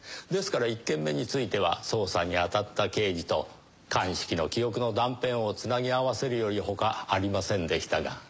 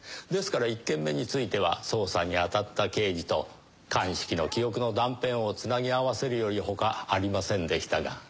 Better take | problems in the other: first | background sound (Bark); 17 dB below the speech

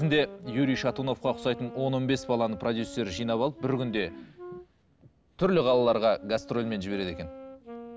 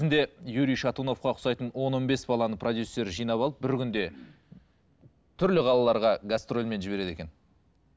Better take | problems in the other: second | background sound (Wind instrument, woodwind instrument); 16 dB below the speech

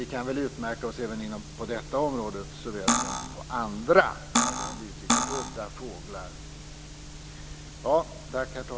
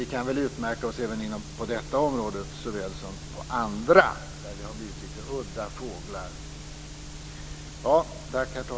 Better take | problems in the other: second | background sound (Cutlery, silverware); 3 dB above the speech

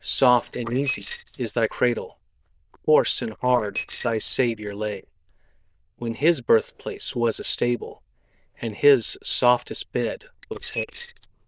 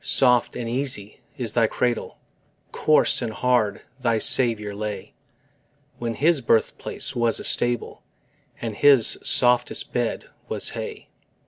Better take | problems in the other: second | noise reduction (neural diffusion model UNIVERSE++)

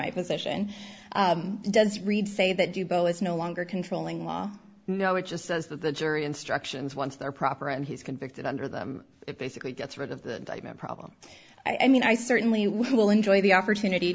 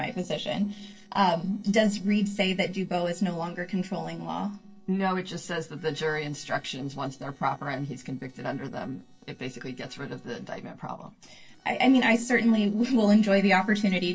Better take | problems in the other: first | noise reduction (neural separator model SepFormer DNS4)

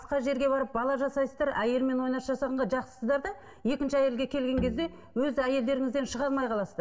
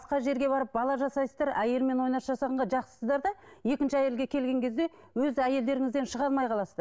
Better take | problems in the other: second | background sound (Bowed string instrument); 11 dB below the speech // room echo; dies away in 0.7 s

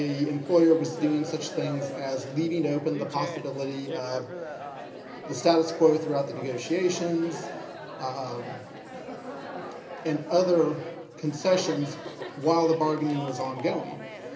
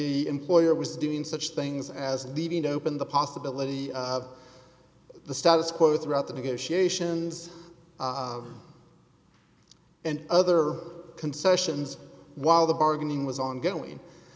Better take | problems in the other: second | background sound (Chatter); 11 dB below the speech // room echo; dies away in 0.3 s

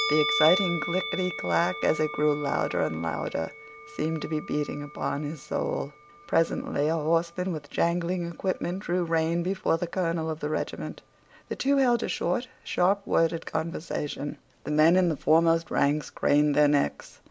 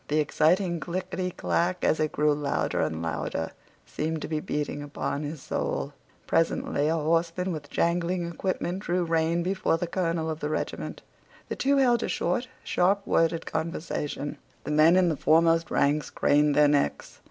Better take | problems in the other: second | background sound (Musical instrument); 12 dB below the speech

